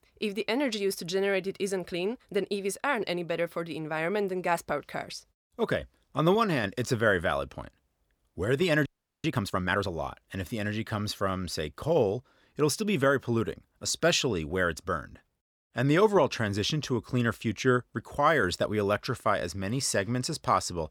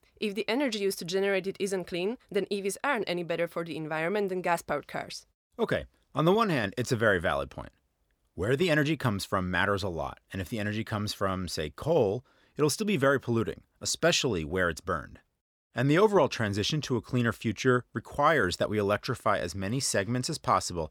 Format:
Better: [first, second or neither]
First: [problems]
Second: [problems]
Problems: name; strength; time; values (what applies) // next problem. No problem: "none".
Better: second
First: audio freezing; at 9 s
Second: none